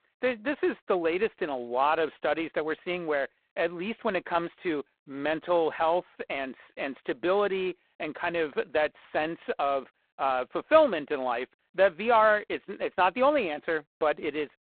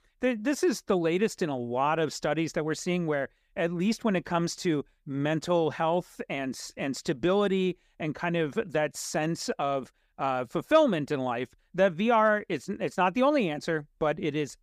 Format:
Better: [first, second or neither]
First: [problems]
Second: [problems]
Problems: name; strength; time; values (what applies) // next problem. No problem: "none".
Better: second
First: phone-call audio; poor line; nothing above 4 kHz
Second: none